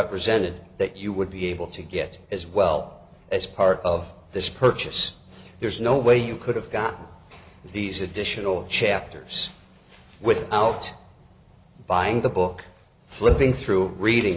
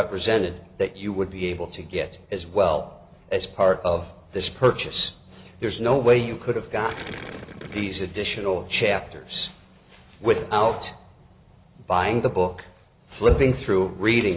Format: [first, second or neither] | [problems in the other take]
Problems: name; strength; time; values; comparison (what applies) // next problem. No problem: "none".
first | background sound (Gurgling); 13 dB below the speech